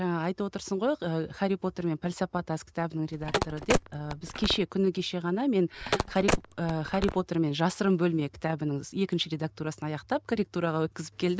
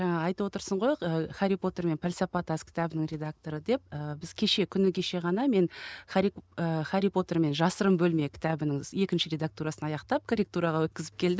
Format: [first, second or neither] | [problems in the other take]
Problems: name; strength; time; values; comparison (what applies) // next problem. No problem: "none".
second | background sound (Telephone); 2 dB below the speech